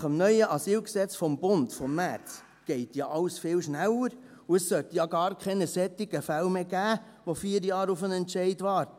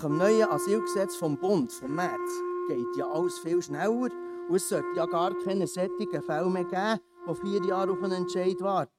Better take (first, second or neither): first